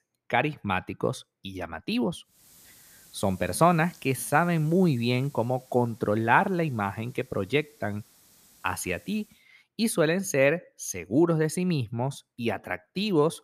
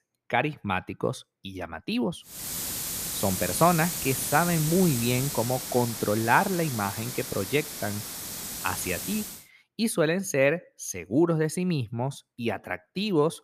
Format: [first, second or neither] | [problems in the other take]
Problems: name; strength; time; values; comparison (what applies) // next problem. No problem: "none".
first | hiss; loud; from 2.5 to 9.5 s; 4 dB below the speech; faint in the first